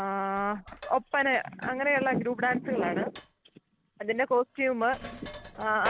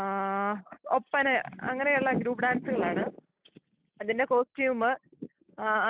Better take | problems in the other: second | background sound (Sink (filling or washing)); 16 dB below the speech

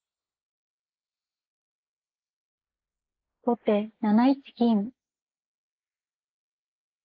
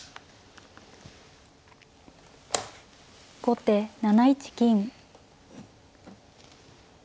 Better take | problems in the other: second | noise reduction (neural mask model Resemble Enhance denoiser)

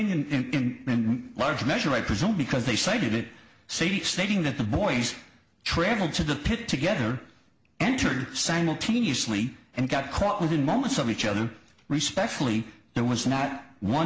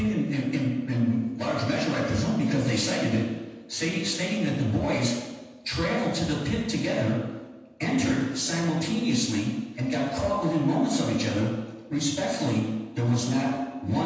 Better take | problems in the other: first | room echo; dies away in 1.1 s

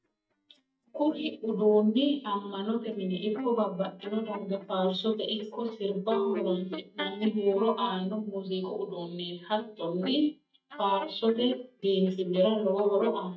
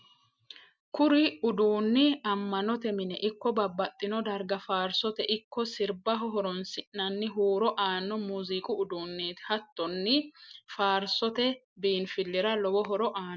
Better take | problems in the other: second | noise reduction (neural mask model DeepFilterNet 3)

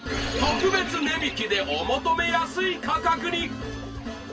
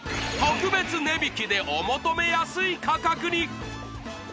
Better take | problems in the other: second | background sound (Bird vocalization, bird call, bird song); 19 dB below the speech // room echo; dies away in 0.1 s

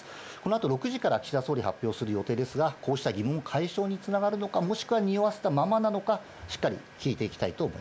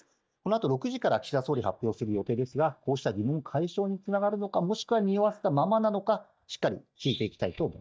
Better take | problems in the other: first | noise reduction (neural mask model DeepFilterNet 3)

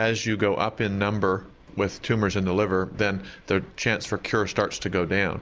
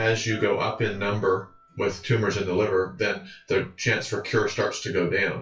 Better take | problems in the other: first | noise reduction (classical method WPE with log-MMSE)

